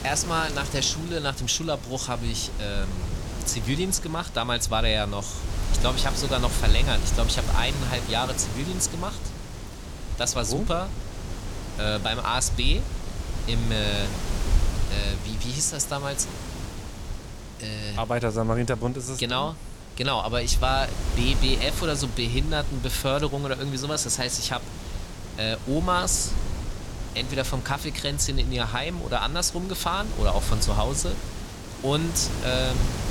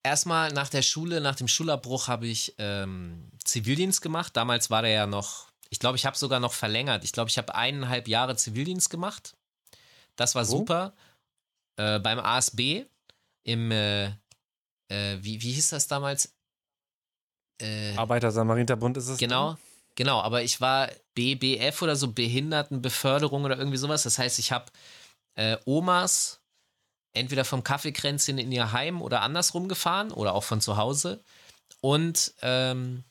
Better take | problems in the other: second | wind noise on the microphone; occasional gusts; 10 dB below the speech

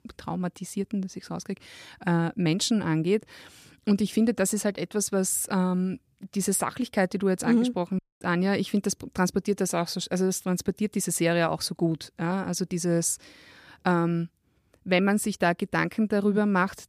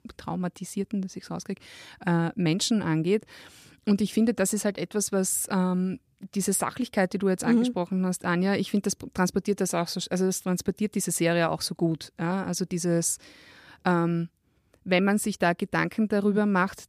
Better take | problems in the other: second | audio cutting out; at 8 s

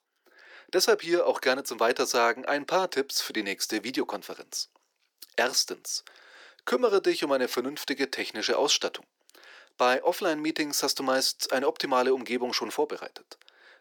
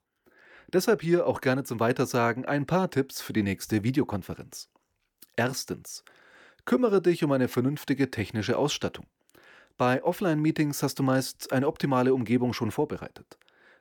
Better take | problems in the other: second | thin; somewhat; fading below 400 Hz

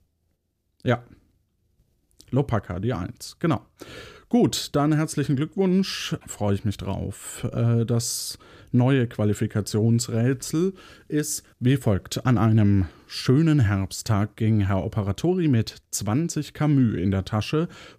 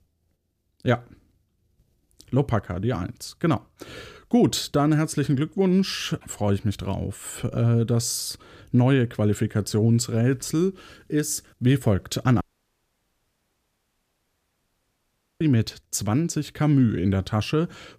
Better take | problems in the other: first | audio cutting out; at 12 s for 3 s

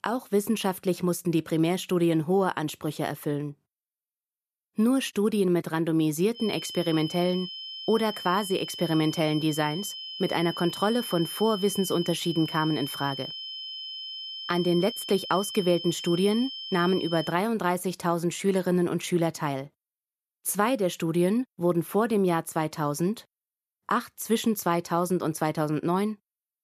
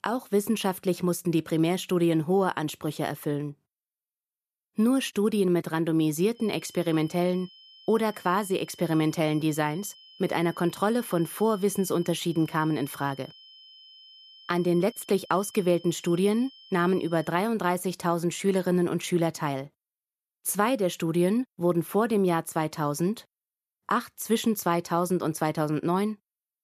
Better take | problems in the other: second | high-pitched whine; loud; from 6.5 to 17 s; 3 kHz, 8 dB below the speech; faint in the second

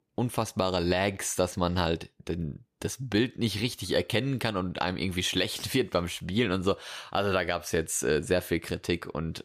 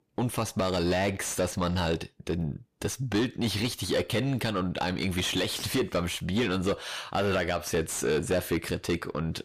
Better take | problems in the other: first | distortion; heavy; 7 dB below the speech

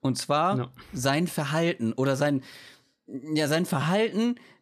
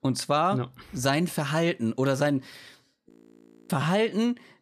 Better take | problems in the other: first | audio freezing; at 3 s for 0.5 s

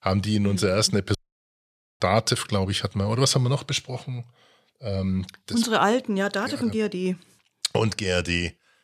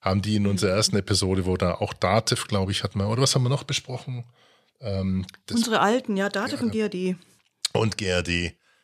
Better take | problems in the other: second | audio cutting out; at 1 s for 1 s

